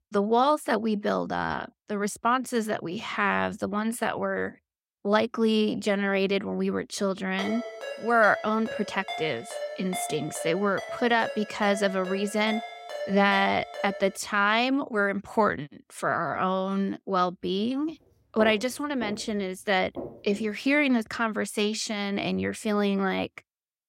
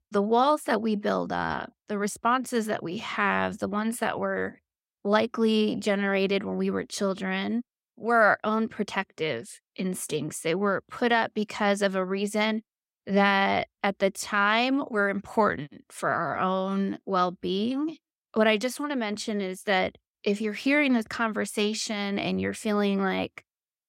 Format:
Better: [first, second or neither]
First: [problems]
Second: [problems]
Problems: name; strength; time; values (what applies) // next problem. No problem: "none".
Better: second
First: phone ringing; noticeable; from 7.5 to 14 s; peak 8 dB below the speech // footsteps; faint; from 18 to 20 s; peak 10 dB below the speech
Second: none